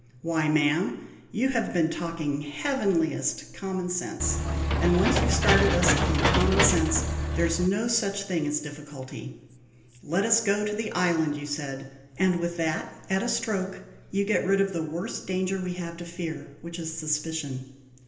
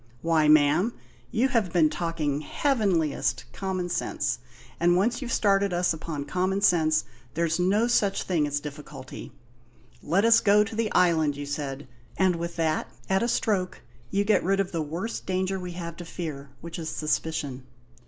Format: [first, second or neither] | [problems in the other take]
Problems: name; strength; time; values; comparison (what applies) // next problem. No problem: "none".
second | background sound (Engine / Mechanisms); 3 dB above the speech // room echo; dies away in 1.4 s